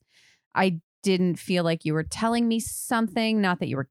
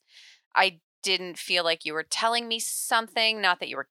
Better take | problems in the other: first | thin; very; fading below 700 Hz

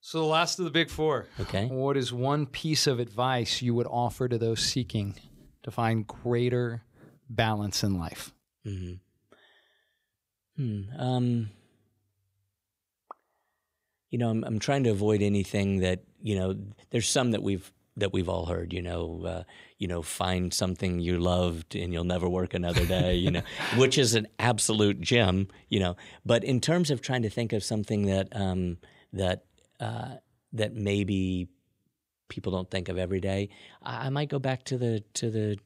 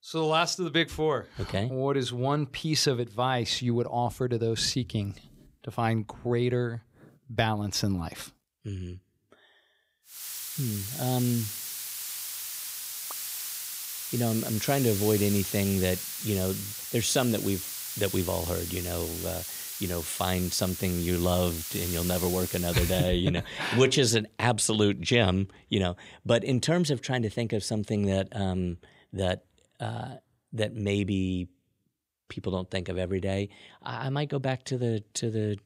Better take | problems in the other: first | hiss; loud; from 10 to 23 s; 5 dB below the speech

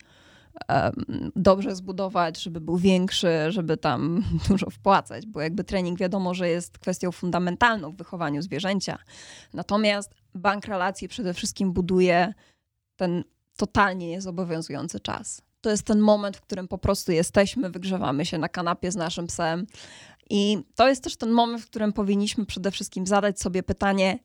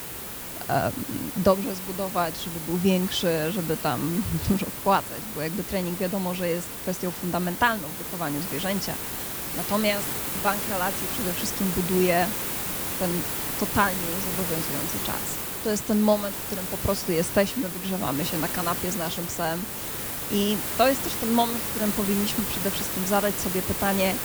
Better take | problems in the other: first | hiss; loud; throughout; 1 dB below the speech

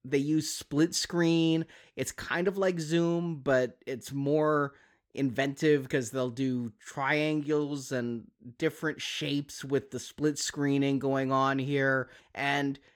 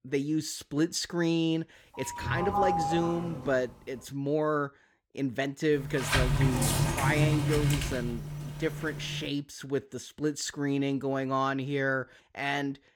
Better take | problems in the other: first | doorbell; loud; from 2 to 3.5 s; peak 3 dB above the speech // door banging; loud; from 6 to 9.5 s; peak 5 dB above the speech

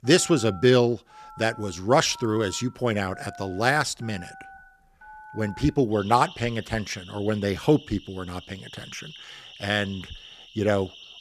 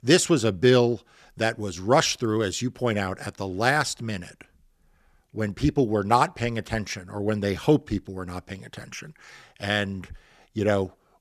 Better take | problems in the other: second | alarms or sirens; noticeable; throughout; 20 dB below the speech

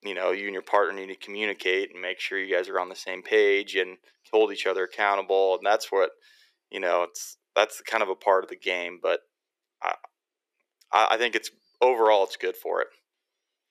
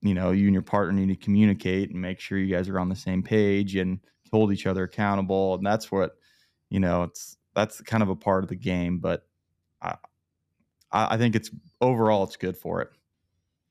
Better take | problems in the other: second | thin; very; fading below 400 Hz

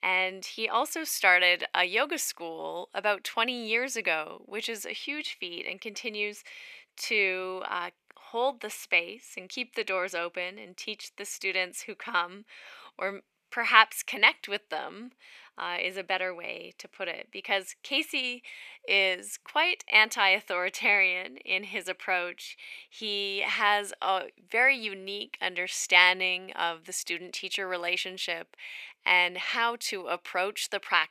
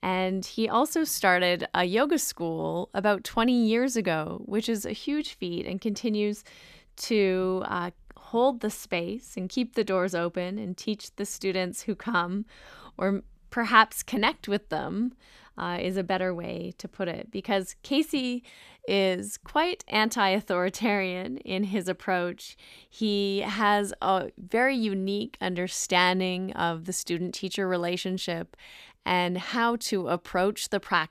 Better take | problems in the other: second | thin; very; fading below 550 Hz

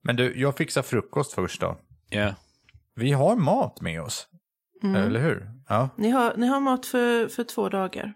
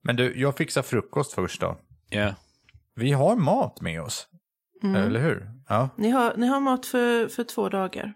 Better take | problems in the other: neither | none

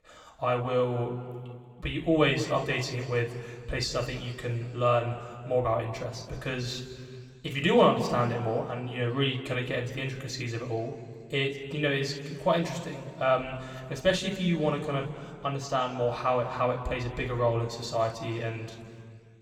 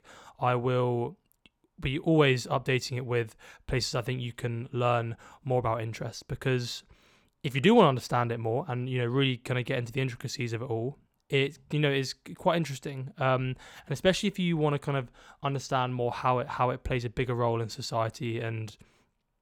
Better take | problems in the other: second | room echo; slight; dies away in 2.1 s // off-mic speech; somewhat distant

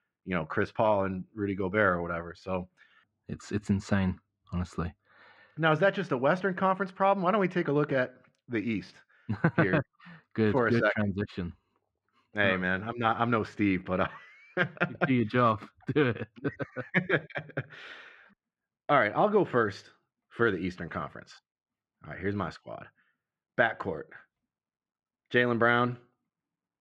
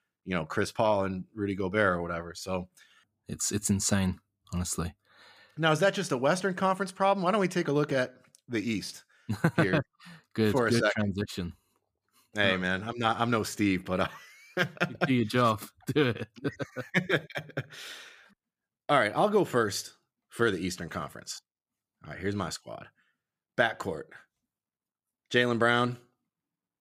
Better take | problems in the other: second | muffled; very; fading above 2 kHz

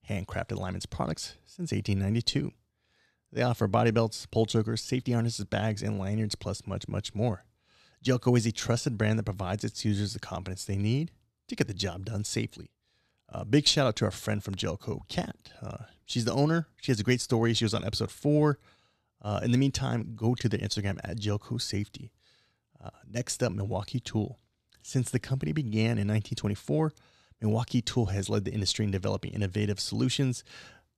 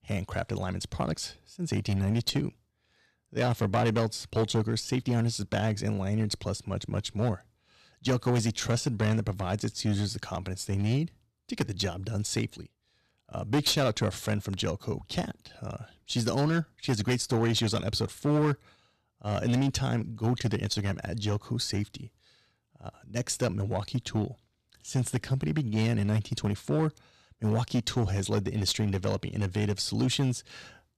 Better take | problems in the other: first | distortion; slight; 5% of the sound clipped

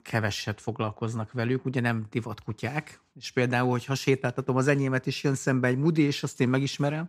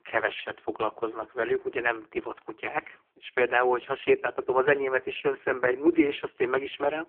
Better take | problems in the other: first | phone-call audio; poor line

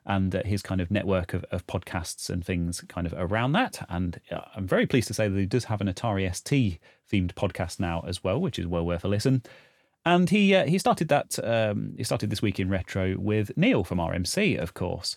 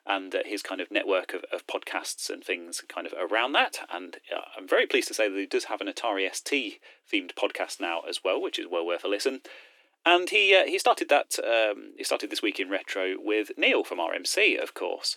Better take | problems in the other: first | thin; very; fading below 300 Hz

